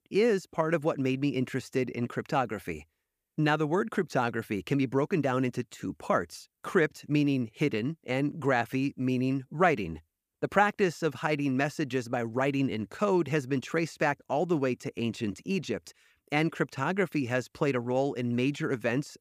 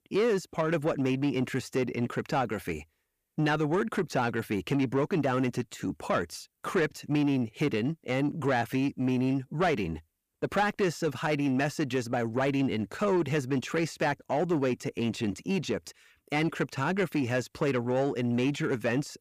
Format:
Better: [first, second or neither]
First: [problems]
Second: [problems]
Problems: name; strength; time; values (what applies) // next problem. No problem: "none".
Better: first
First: none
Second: distortion; slight; 10 dB below the speech